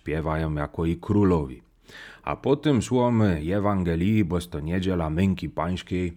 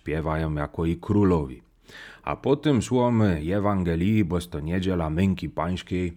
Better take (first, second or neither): neither